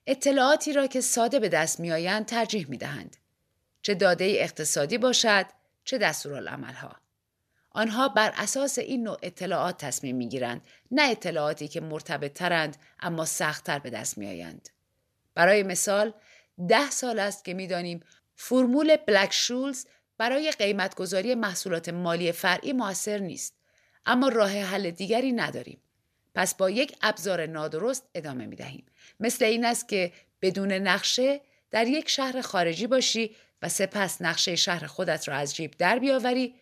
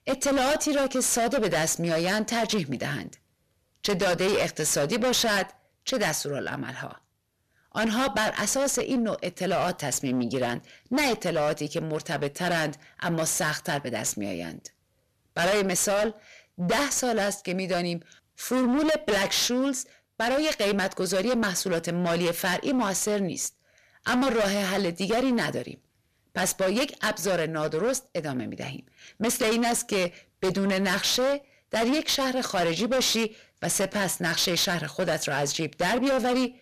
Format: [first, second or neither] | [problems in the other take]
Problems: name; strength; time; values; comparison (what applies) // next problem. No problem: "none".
first | distortion; heavy; 19% of the sound clipped